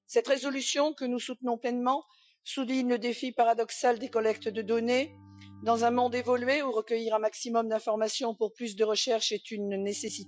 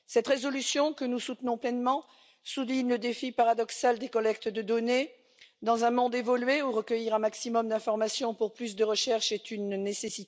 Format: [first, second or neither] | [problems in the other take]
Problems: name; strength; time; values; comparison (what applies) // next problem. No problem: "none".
second | noise reduction (classical method Wiener filter)